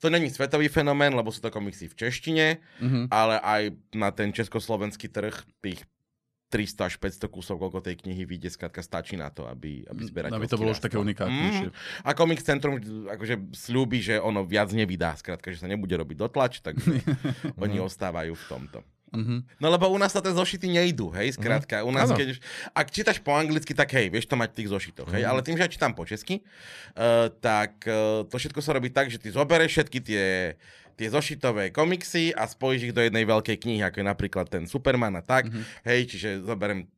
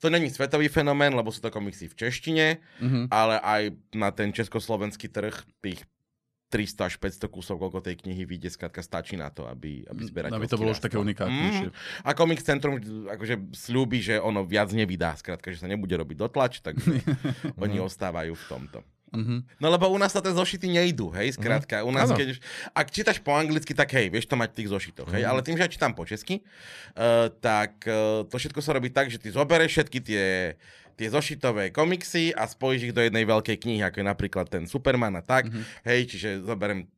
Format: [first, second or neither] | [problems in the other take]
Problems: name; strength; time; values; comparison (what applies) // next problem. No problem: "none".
neither | none